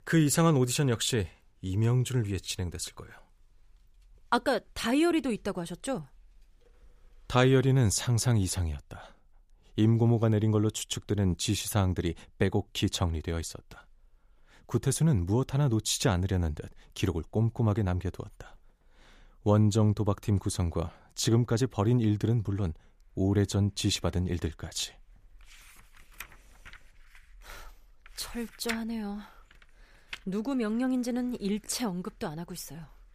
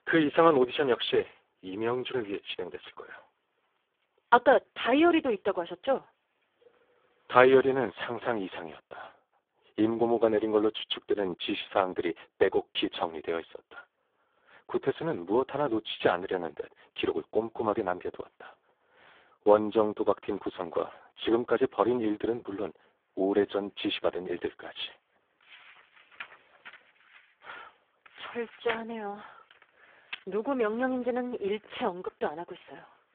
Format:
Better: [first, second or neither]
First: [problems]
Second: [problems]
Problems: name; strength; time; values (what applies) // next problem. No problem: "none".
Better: first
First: none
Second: phone-call audio; poor line; nothing above 3.5 kHz